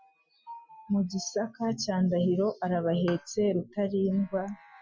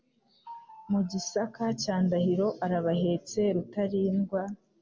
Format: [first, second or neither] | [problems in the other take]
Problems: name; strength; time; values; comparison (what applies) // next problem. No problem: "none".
second | noise reduction (classical method Wiener filter)